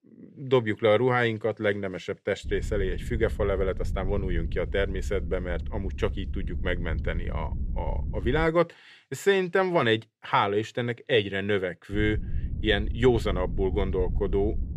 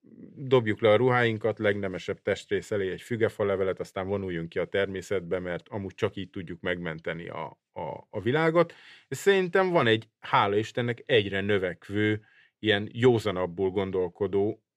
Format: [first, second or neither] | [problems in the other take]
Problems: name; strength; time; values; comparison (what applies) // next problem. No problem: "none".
second | low rumble; faint; from 2.5 to 8.5 s and from 12 s on; 20 dB below the speech